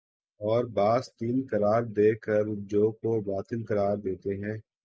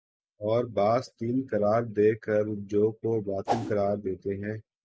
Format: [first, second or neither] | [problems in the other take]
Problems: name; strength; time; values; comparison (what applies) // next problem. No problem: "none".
first | background sound (Whoosh, swoosh, swish); 3 dB below the speech